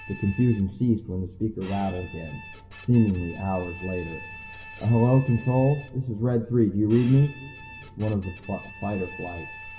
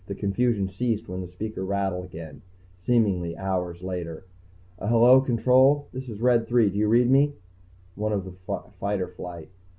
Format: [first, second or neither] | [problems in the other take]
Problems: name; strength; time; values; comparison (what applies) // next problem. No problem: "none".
second | background sound (Bowed string instrument); 19 dB below the speech // room echo; dies away in 2.4 s